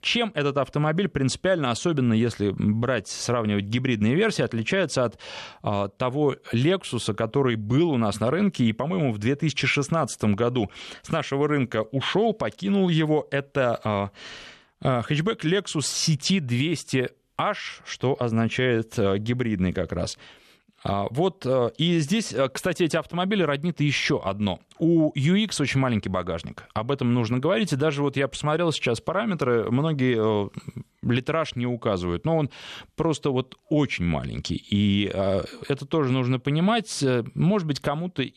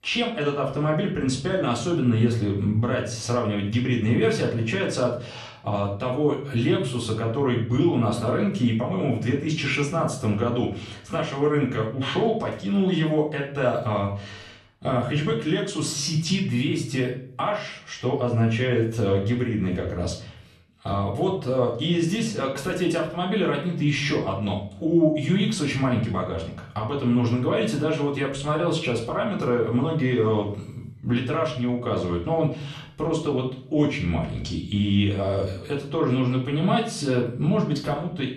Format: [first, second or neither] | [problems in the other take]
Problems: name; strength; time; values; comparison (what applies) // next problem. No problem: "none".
first | off-mic speech; far // room echo; slight; dies away in 0.5 s